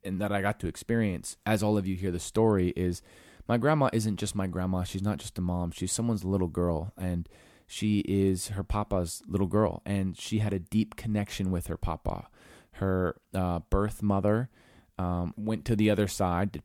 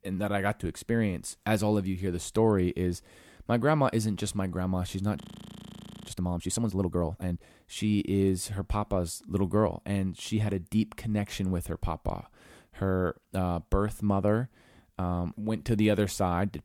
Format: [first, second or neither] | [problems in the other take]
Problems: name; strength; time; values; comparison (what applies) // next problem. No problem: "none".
first | audio freezing; at 5 s for 1 s